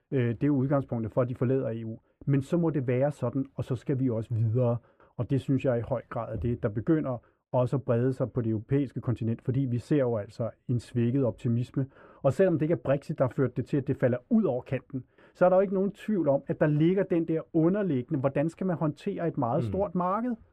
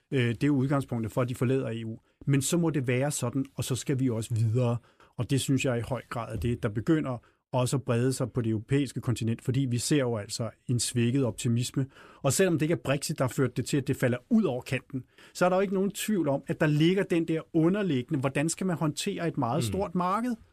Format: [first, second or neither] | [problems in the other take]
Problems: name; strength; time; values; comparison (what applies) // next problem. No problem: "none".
second | muffled; very; fading above 3 kHz